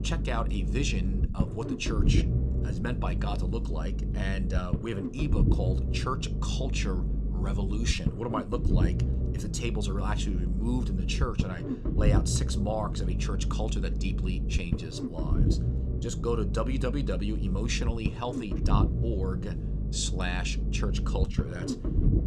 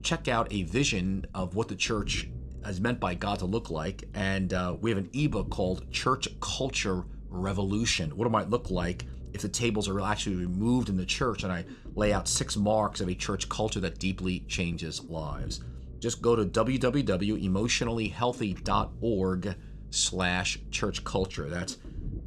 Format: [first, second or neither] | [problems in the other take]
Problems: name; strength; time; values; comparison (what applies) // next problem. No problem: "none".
second | low rumble; loud; throughout; 5 dB below the speech; faint in the second